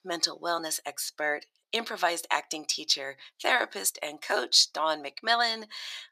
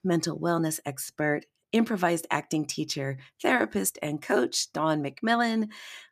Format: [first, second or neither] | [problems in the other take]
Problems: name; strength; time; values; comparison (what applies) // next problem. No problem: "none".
second | thin; very; fading below 700 Hz